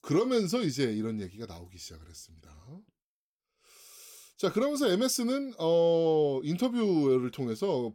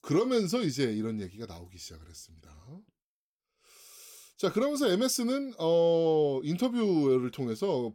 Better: neither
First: none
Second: none

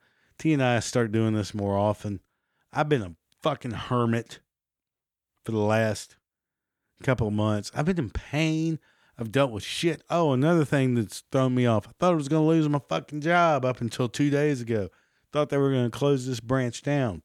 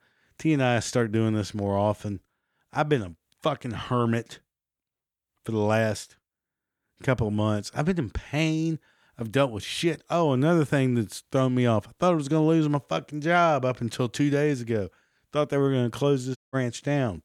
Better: first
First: none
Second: audio cutting out; at 16 s

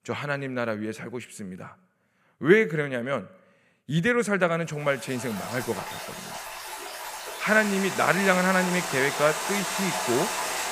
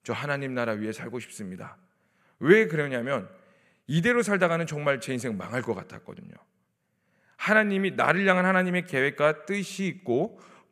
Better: second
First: rain or running water; loud; from 5 s on; 5 dB below the speech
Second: none

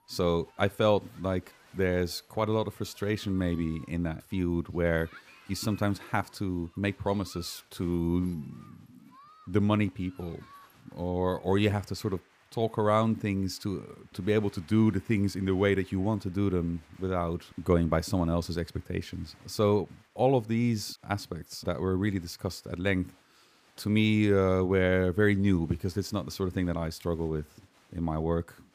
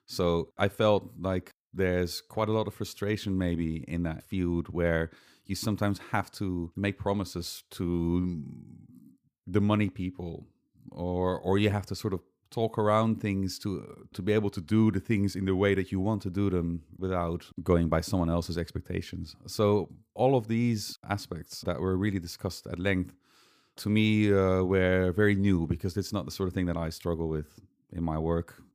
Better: second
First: crowd noise; faint; throughout; 30 dB below the speech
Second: none

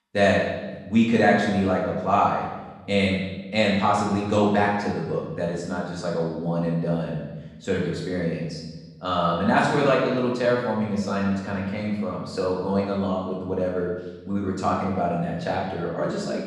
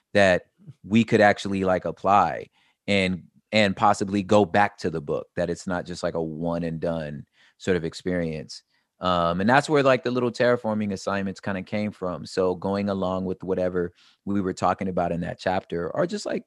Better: second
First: off-mic speech; far // room echo; noticeable; dies away in 1.1 s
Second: none

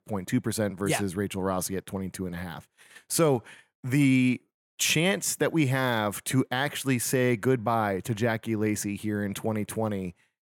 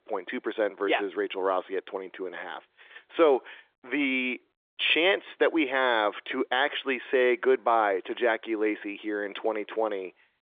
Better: first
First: none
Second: phone-call audio; nothing above 3.5 kHz

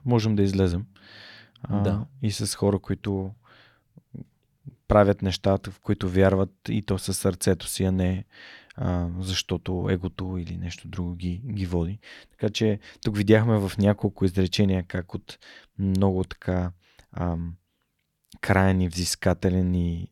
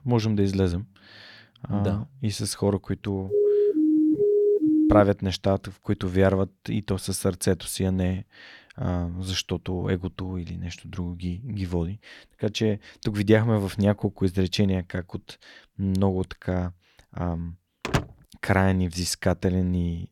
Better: first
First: none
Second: siren; loud; from 3.5 to 5 s; peak 5 dB above the speech // door banging; noticeable; at 18 s; peak 2 dB below the speech

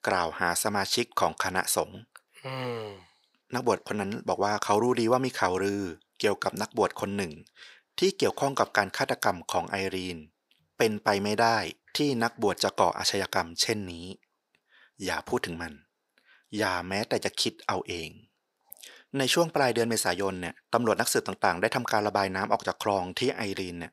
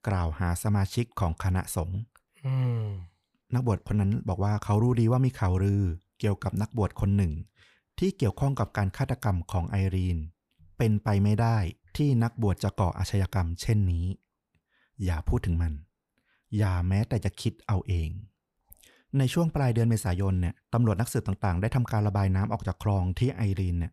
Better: second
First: thin; very; fading below 450 Hz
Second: none

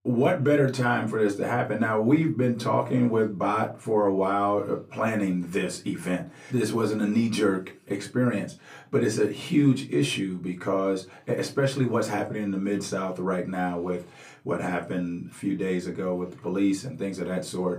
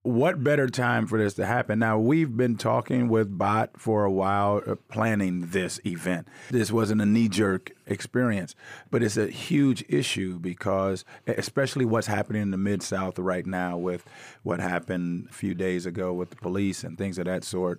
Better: second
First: off-mic speech; far // room echo; very slight; dies away in 0.2 s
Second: none

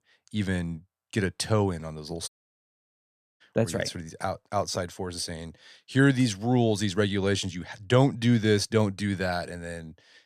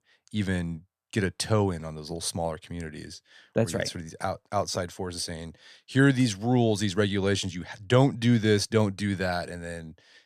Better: second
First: audio cutting out; at 2.5 s for 1 s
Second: none

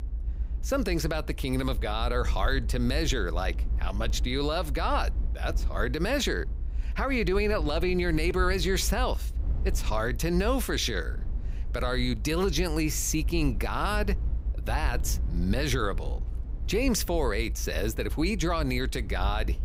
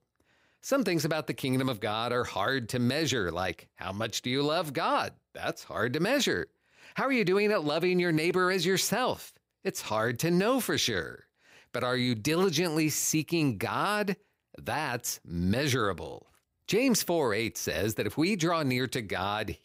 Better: second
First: low rumble; faint; throughout; 20 dB below the speech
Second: none

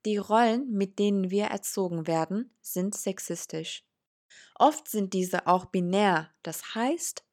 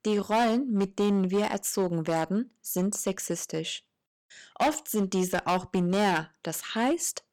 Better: first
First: none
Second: distortion; heavy; 8% of the sound clipped

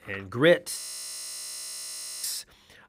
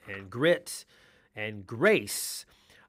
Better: second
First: audio freezing; at 1 s for 1.5 s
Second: none

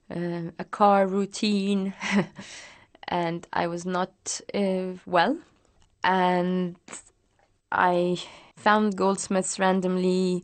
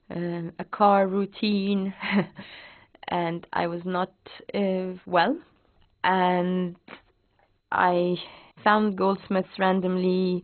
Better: first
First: garbled, watery; slightly; nothing above 8.5 kHz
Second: garbled, watery; badly; nothing above 4 kHz

